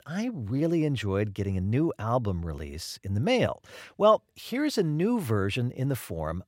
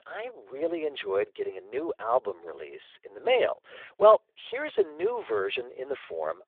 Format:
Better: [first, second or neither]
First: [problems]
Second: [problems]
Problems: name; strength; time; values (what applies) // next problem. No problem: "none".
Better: first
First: none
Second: phone-call audio; poor line